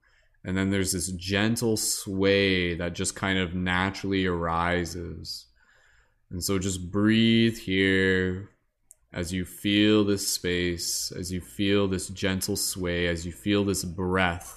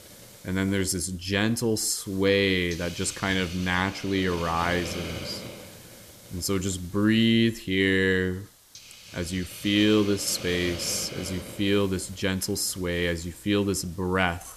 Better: first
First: none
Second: hiss; noticeable; throughout; 15 dB below the speech

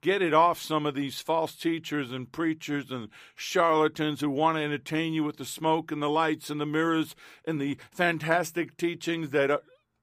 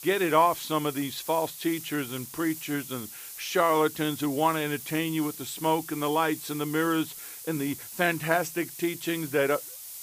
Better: first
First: none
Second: hiss; noticeable; throughout; 10 dB below the speech

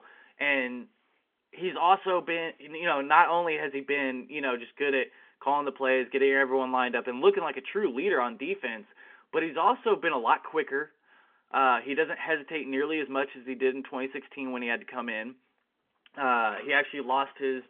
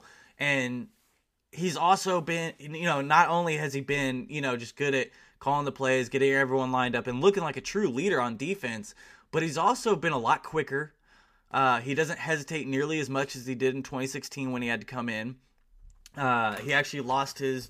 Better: second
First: phone-call audio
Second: none

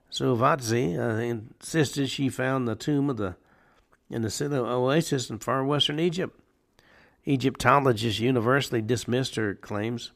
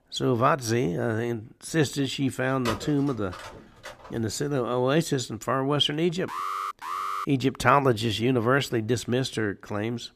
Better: first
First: none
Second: phone ringing; noticeable; from 2.5 to 4 s; peak 7 dB below the speech // alarm; noticeable; at 6.5 s; peak 4 dB below the speech

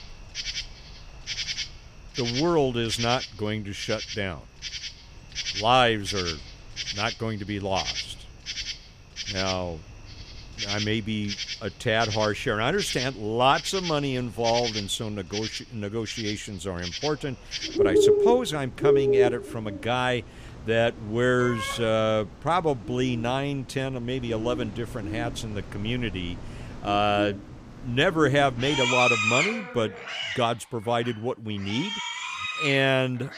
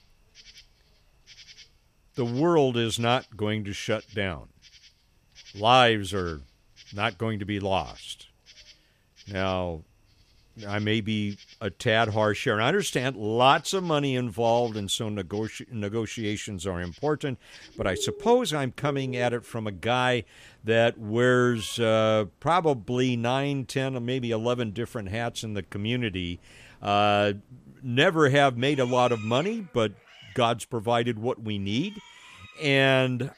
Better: second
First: animal sounds; loud; throughout; 3 dB below the speech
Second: animal sounds; faint; throughout; 20 dB below the speech

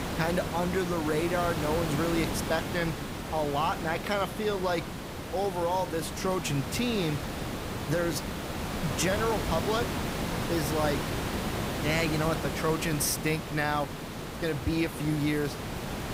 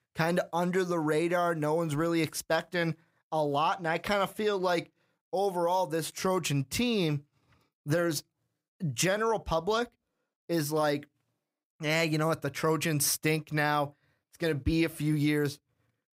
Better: second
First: hiss; loud; throughout; 4 dB below the speech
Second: none

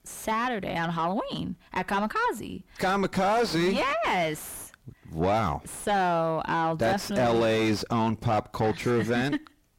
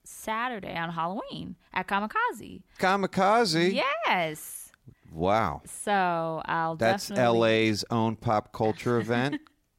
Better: second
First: distortion; heavy; 6 dB below the speech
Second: none

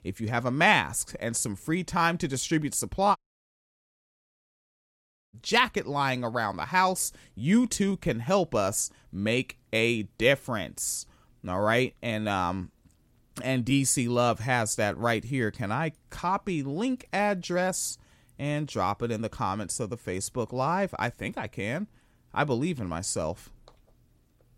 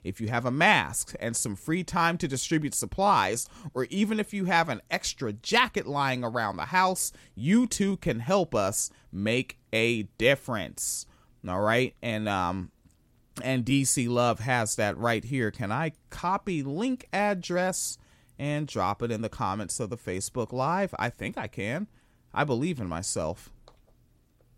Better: second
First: audio cutting out; at 3 s for 2 s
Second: none

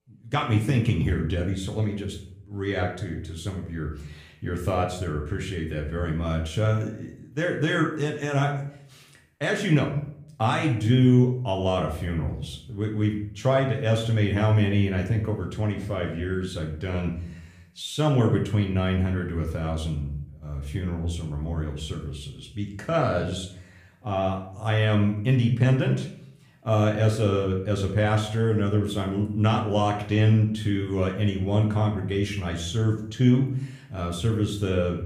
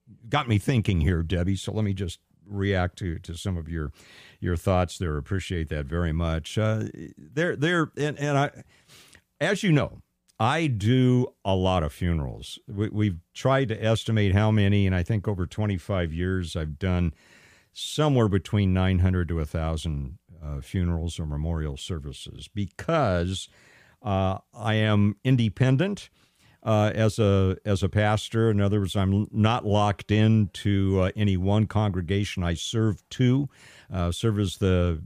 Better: second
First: room echo; slight; dies away in 0.5 s // off-mic speech; somewhat distant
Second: none

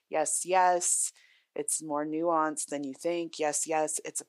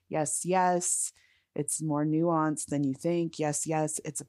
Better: second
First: thin; somewhat; fading below 500 Hz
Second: none

